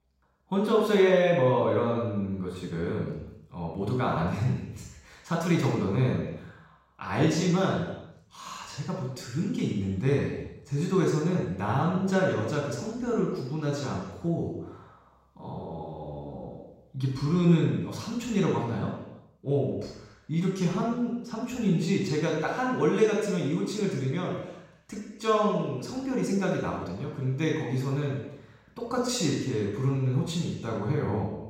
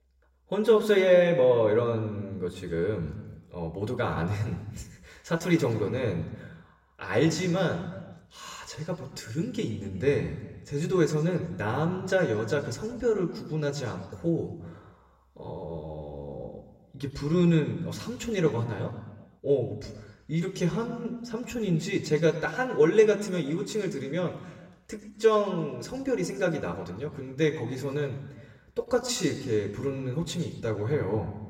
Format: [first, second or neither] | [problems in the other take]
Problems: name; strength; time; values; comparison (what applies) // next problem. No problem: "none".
second | room echo; strong; dies away in 0.9 s; slight in the second // off-mic speech; far; somewhat distant in the second